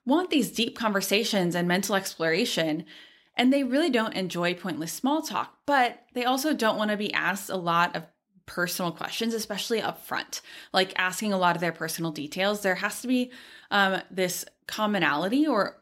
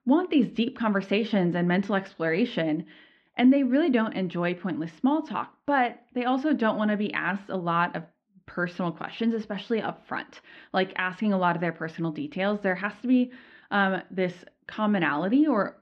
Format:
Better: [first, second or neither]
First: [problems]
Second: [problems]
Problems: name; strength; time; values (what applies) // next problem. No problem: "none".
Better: first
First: none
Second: muffled; very; fading above 2.5 kHz